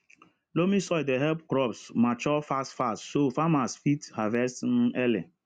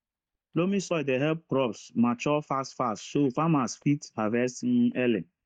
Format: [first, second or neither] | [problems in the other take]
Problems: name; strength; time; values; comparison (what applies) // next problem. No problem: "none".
first | noise reduction (neural mask model DeepFilterNet 3)